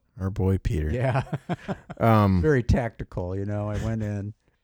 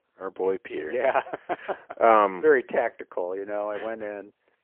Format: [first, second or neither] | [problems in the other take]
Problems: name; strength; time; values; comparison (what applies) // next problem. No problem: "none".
first | phone-call audio; poor line